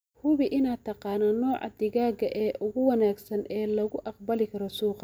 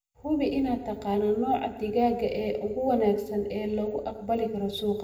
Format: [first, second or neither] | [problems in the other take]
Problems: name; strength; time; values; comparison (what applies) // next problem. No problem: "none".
first | room echo; dies away in 0.9 s